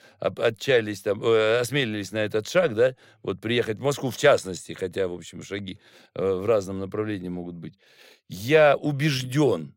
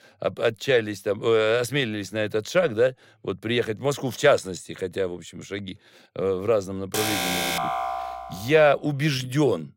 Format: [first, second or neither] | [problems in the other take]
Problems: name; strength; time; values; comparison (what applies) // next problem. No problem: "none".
first | alarm; loud; from 7 to 8.5 s; peak level with the speech